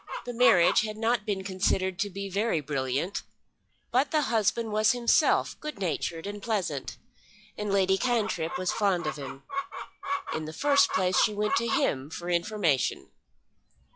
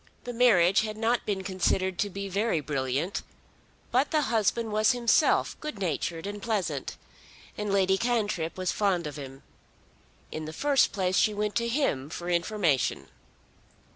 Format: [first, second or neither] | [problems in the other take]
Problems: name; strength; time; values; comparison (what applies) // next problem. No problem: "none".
second | noise reduction (classical method log-MMSE)